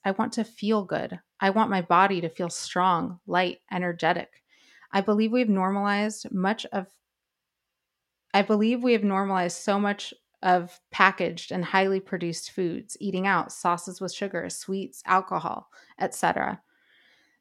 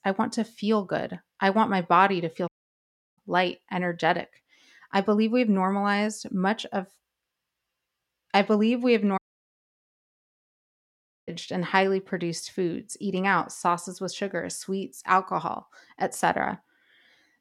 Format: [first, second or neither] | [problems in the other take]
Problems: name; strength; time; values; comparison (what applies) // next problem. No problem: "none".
first | audio cutting out; at 2.5 s for 0.5 s and at 9 s for 2 s